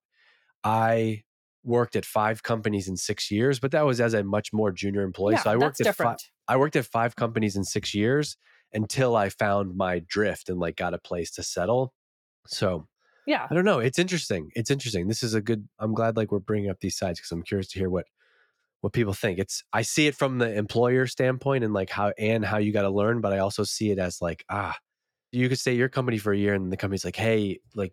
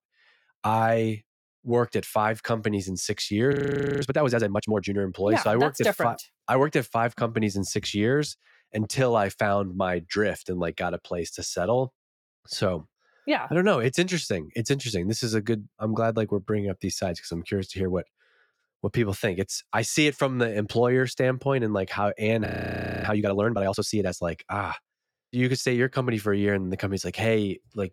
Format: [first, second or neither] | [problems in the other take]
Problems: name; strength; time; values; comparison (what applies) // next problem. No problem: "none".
first | audio freezing; at 3.5 s and at 22 s for 0.5 s